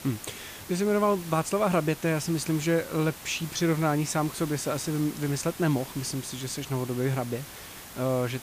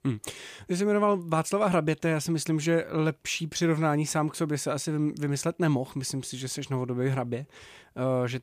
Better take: second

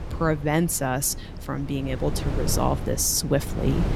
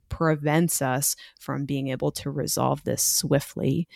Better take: second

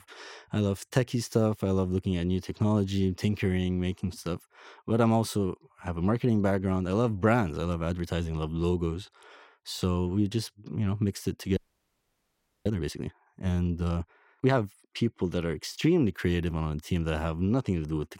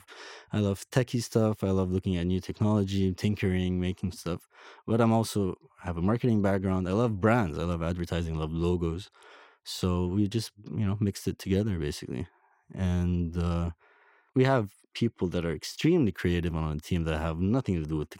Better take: second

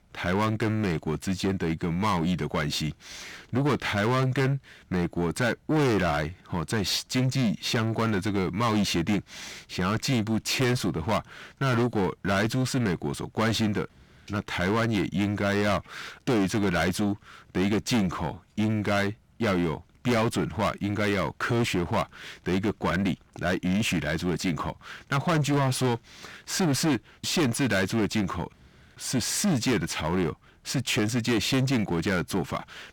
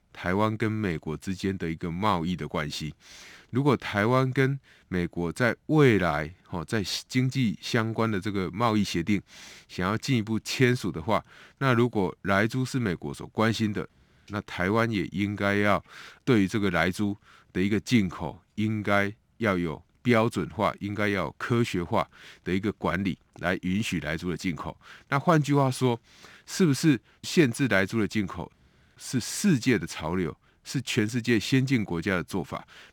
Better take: second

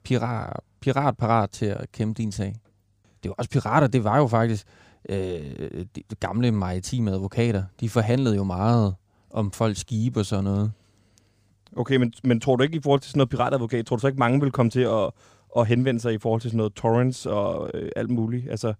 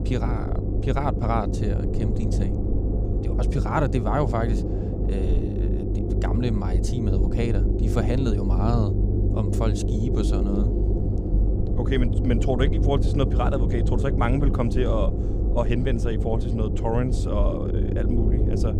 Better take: first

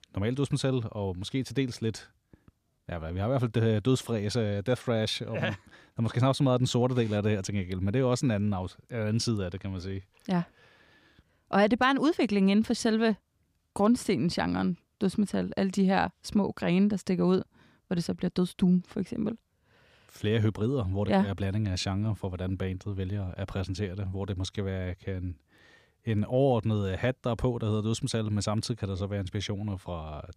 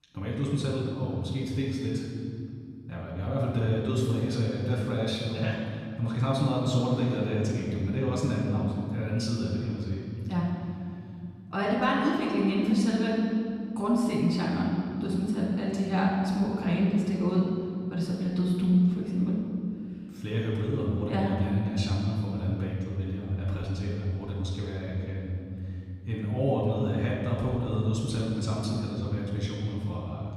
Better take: first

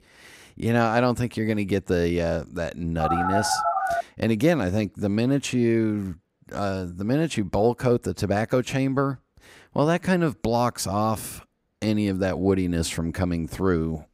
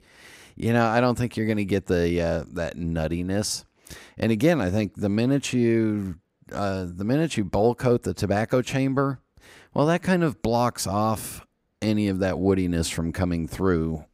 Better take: second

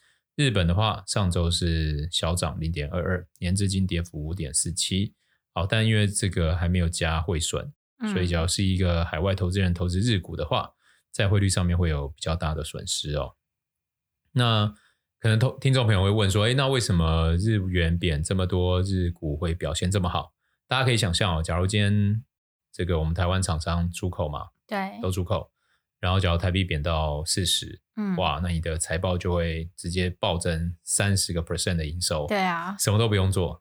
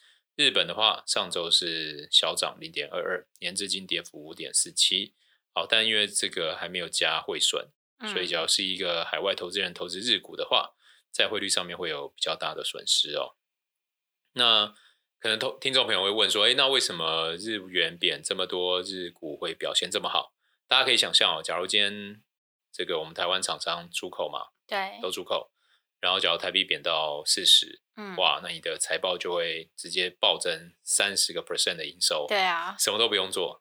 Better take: first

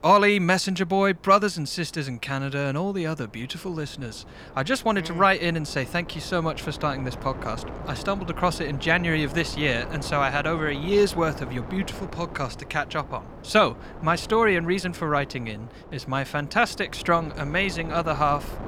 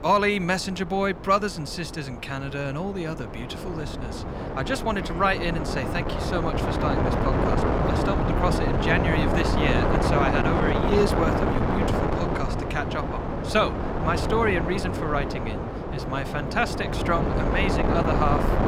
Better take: first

